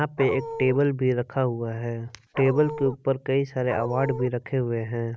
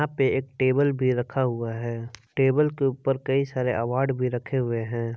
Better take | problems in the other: second | background sound (Dog); 9 dB below the speech

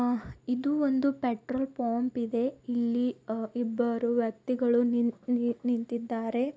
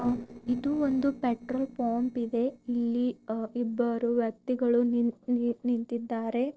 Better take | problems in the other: first | noise reduction (neural separator model SepFormer DNS4)

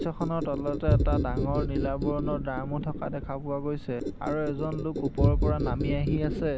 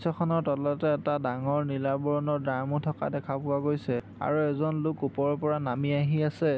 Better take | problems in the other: second | background sound (Boom + Squeak); 2 dB above the speech

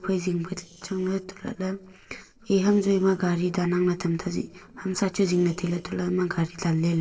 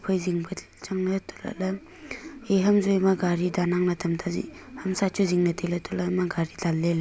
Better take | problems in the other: second | noise reduction (neural separator model SepFormer DNS4)

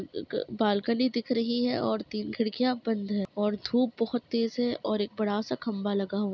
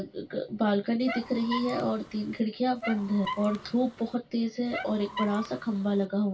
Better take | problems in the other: first | background sound (Squeak); 10 dB below the speech // room echo; dies away in 0.2 s

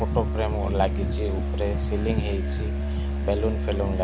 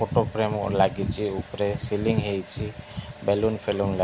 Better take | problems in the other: second | background sound (Musical instrument); 2 dB above the speech

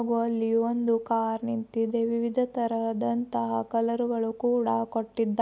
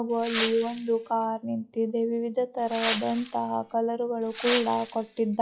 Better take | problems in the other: first | noise reduction (classical method log-MMSE)

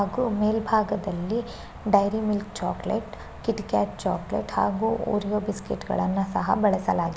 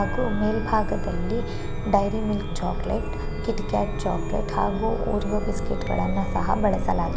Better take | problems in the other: first | background sound (Chime); as loud as the speech

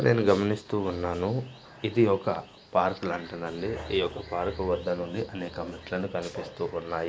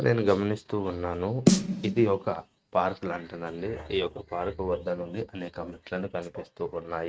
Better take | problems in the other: first | noise reduction (neural mask model RNNoise)

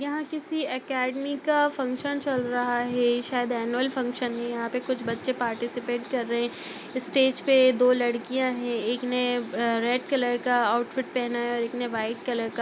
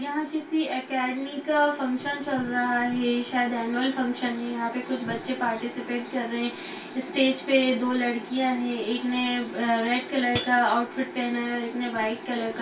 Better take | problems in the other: first | background sound (Hi-hat); 6 dB below the speech // room echo; dies away in 0.2 s

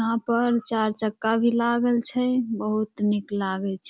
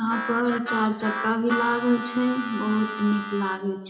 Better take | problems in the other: first | background sound (Harmonica); 7 dB below the speech // room echo; dies away in 0.8 s

